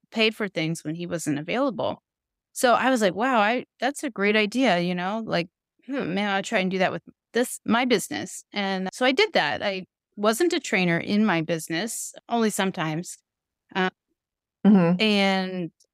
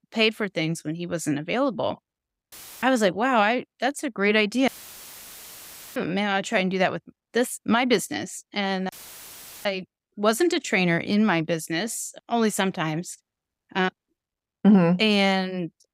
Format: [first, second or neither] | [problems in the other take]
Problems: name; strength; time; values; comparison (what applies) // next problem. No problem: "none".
first | audio cutting out; filled with static; at 2.5 s, at 4.5 s for 1.5 s and at 9 s for 0.5 s